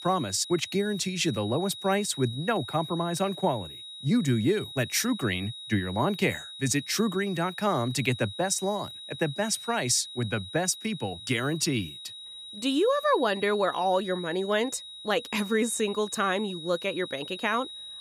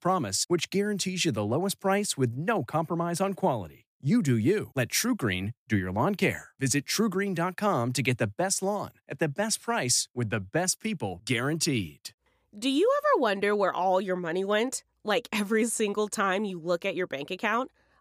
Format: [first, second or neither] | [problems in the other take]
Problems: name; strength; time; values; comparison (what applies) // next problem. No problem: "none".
second | high-pitched whine; noticeable; throughout; 4 kHz, 10 dB below the speech